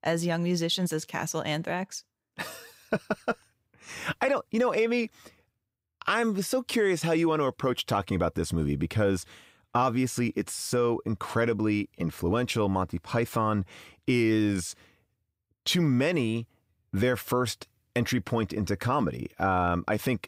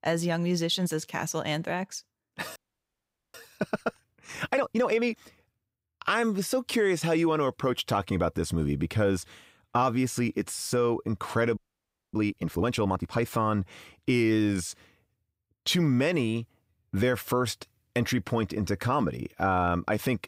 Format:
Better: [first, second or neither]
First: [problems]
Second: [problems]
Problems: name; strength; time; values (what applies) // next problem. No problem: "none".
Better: first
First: none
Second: audio freezing; at 2.5 s for 1 s and at 12 s for 0.5 s